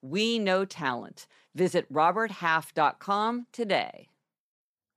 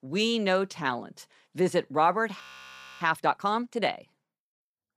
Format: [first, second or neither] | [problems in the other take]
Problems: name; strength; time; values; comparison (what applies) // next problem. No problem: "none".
first | audio freezing; at 2.5 s for 0.5 s